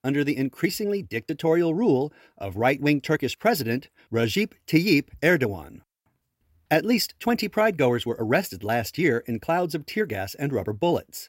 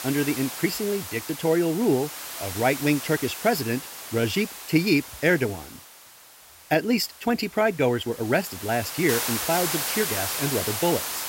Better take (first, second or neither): first